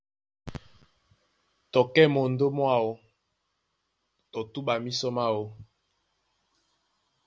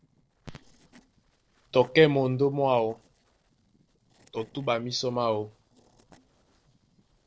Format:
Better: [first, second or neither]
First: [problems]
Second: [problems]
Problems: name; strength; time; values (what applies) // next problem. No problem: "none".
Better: first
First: none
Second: noise reduction (neural separator model SepFormer DNS4)